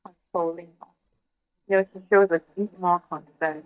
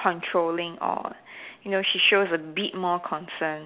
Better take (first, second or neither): second